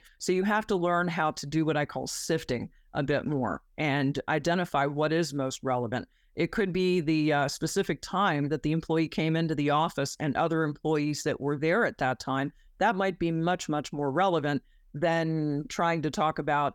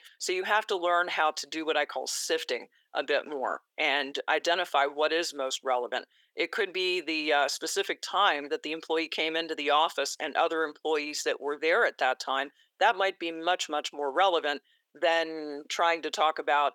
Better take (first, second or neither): first